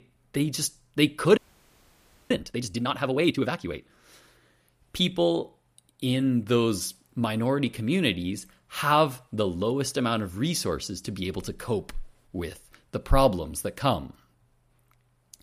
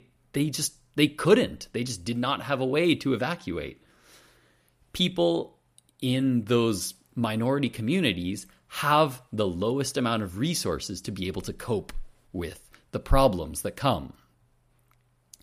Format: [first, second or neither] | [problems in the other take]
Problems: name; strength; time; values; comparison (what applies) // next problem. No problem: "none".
second | audio freezing; at 1.5 s for 1 s